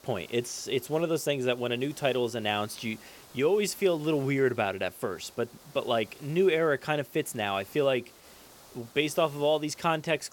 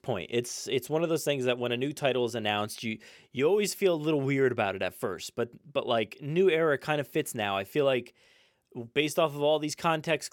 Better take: second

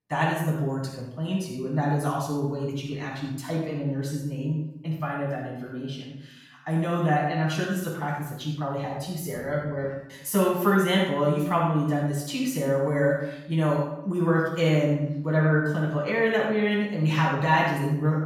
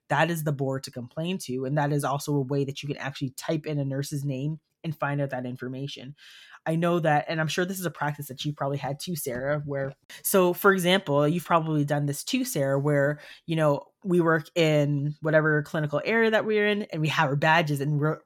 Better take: second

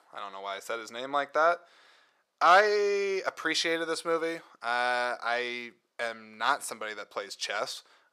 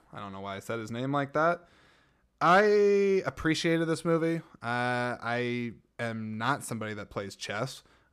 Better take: second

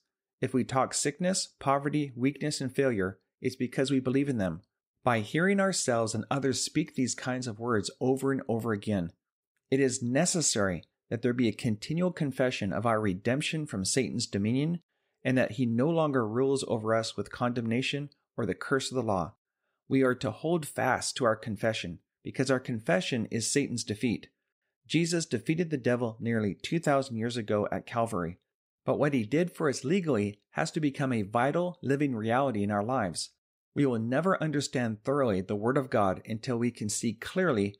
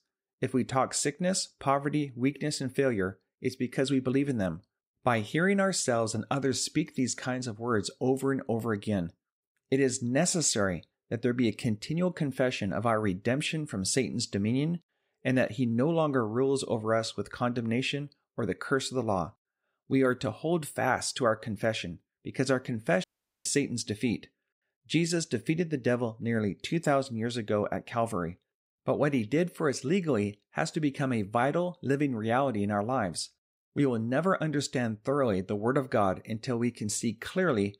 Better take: first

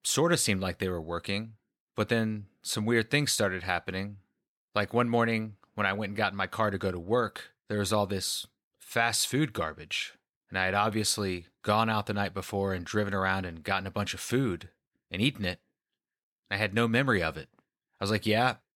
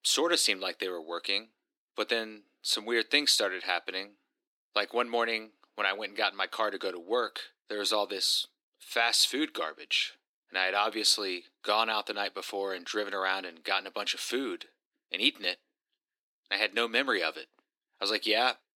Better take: first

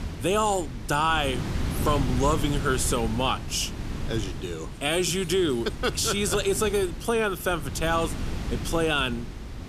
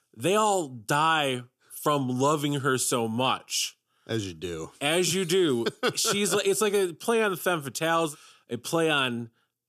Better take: second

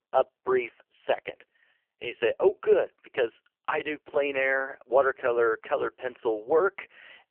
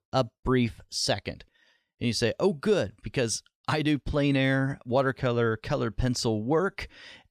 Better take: second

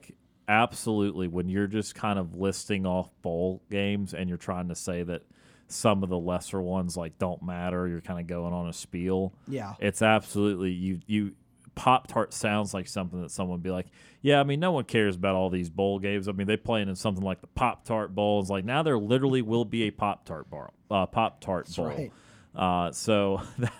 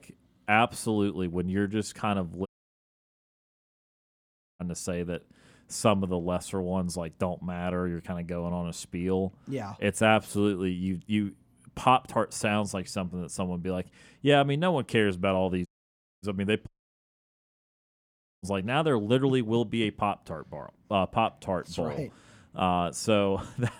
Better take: first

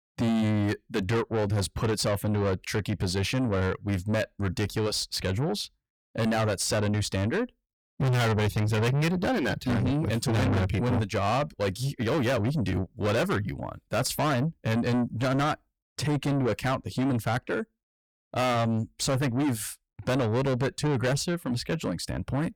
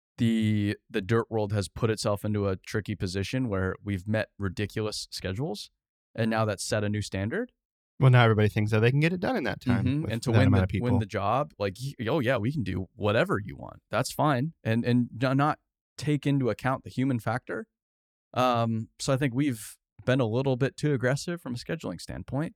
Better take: second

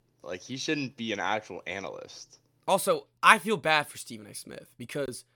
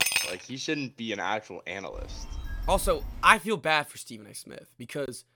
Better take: first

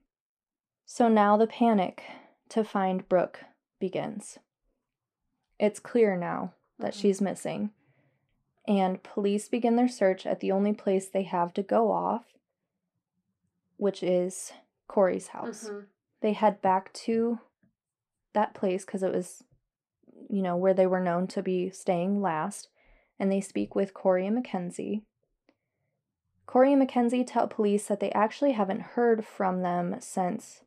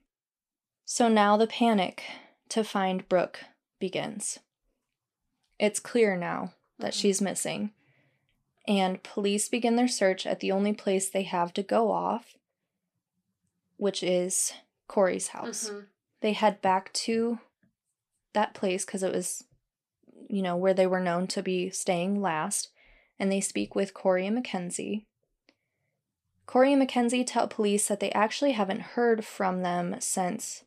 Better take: second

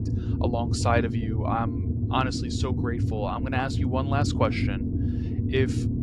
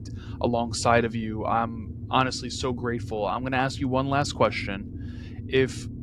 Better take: second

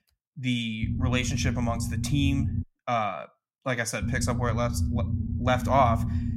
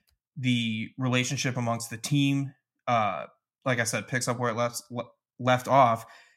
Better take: second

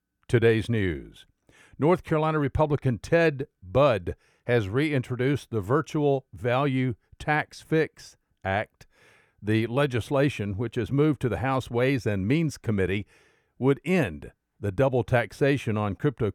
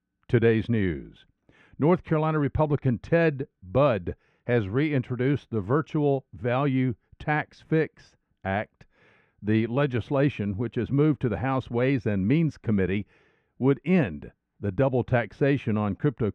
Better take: first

